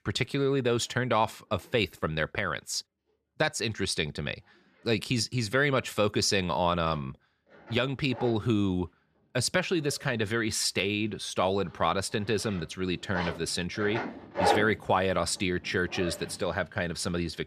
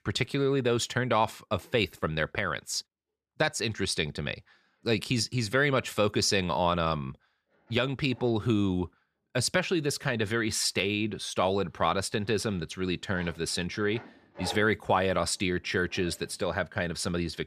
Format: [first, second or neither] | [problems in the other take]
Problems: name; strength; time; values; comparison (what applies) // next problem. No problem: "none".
second | household noises; loud; throughout; 6 dB below the speech; faint in the second